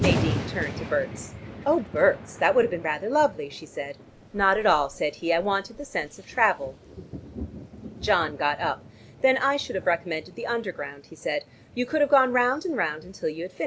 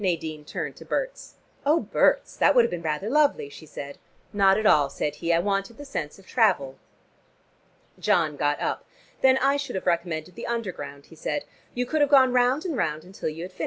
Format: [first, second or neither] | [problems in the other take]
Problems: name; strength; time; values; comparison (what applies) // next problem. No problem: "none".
second | background sound (Thunder); 10 dB below the speech